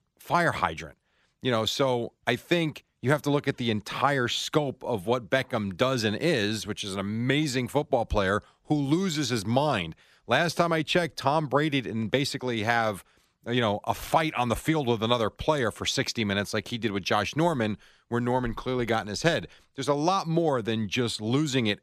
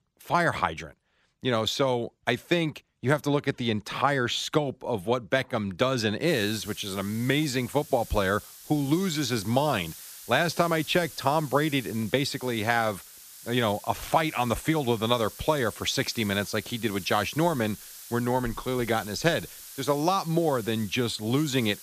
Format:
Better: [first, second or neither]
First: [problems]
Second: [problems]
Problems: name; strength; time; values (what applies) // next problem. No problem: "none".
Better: first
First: none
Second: hiss; noticeable; from 6.5 s on; 15 dB below the speech